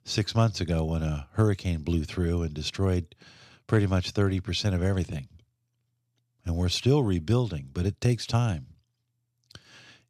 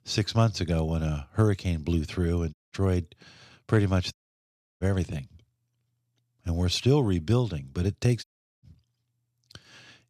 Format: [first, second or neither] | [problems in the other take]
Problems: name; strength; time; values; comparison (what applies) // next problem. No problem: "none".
first | audio cutting out; at 2.5 s, at 4 s for 0.5 s and at 8 s